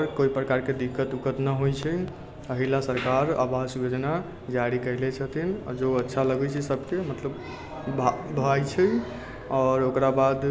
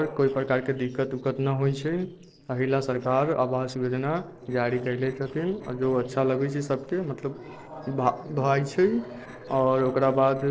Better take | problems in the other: first | noise reduction (neural separator model SepFormer DNS4)

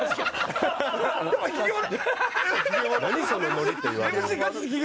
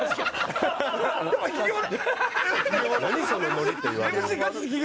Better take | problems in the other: first | background sound (Motorcycle / Engine); 19 dB below the speech

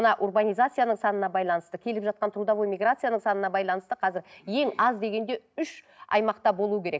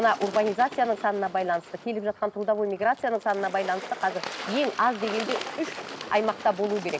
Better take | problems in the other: first | background sound (Water / Bird); 12 dB below the speech

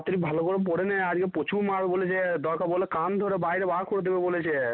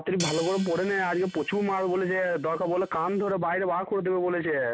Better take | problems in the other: first | background sound (Hi-hat); 16 dB below the speech

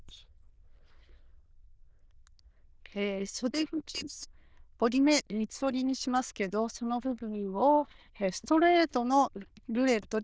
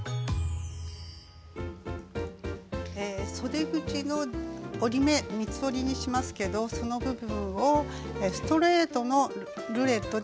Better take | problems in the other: second | noise reduction (neural diffusion model UNIVERSE++)

